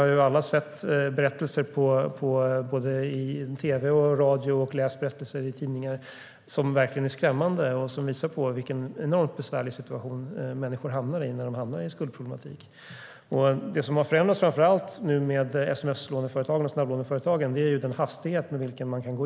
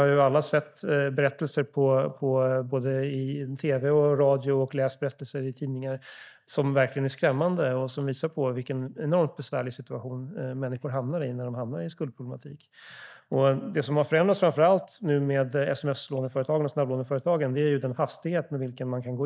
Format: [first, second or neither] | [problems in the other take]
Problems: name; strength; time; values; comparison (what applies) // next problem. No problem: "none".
first | noise reduction (neural mask model DeepFilterNet 3)